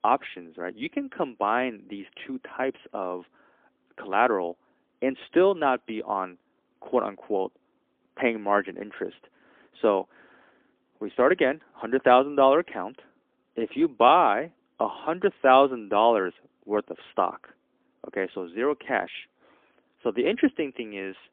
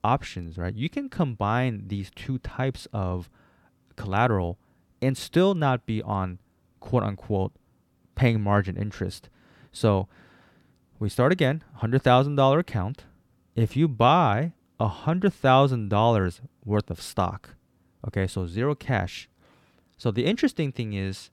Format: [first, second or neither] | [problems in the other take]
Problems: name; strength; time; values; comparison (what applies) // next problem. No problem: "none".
second | phone-call audio; poor line; nothing above 3.5 kHz